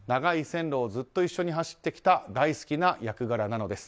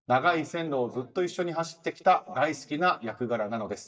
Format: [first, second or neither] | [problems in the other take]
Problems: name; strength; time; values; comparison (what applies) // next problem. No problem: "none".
first | noise reduction (neural mask model DeepFilterNet 3)